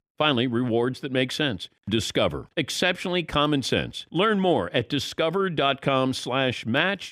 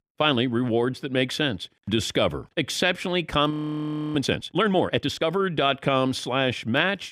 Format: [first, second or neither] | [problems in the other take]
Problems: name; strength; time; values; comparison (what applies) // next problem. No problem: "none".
first | audio freezing; at 3.5 s for 0.5 s